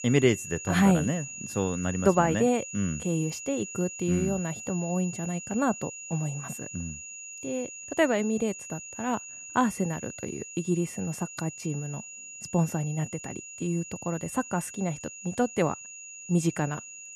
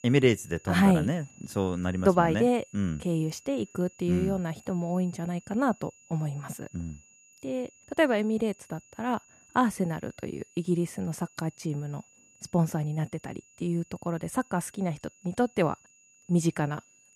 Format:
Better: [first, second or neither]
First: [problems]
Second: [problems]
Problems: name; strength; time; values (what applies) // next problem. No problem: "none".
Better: second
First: high-pitched whine; loud; throughout; 7 kHz, 10 dB below the speech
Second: high-pitched whine; faint; throughout; 7 kHz, 25 dB below the speech